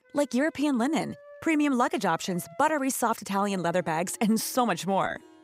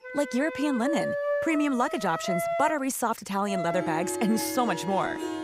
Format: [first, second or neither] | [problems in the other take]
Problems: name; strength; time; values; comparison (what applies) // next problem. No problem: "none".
first | background music; loud; throughout; 4 dB below the speech; faint in the first